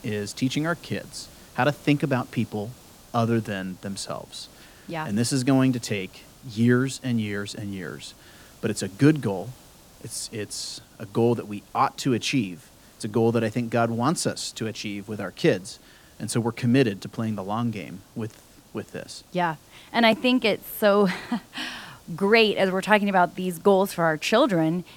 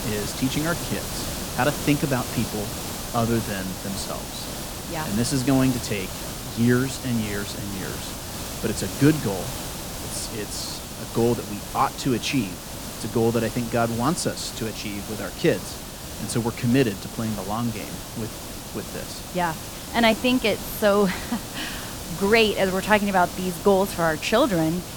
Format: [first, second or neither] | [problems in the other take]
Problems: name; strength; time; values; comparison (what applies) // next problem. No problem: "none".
first | hiss; loud; throughout; 8 dB below the speech; faint in the first